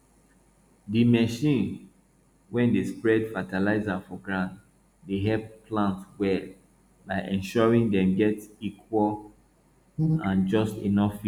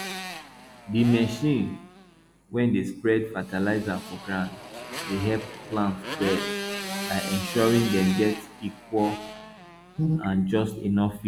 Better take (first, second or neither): first